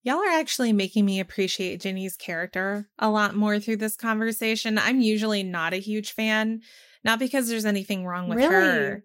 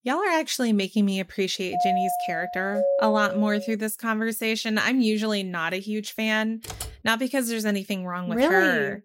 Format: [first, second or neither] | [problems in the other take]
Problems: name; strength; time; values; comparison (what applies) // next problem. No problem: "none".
first | doorbell; loud; from 1.5 to 4 s; peak 1 dB above the speech // keyboard typing; faint; at 6.5 s; peak 10 dB below the speech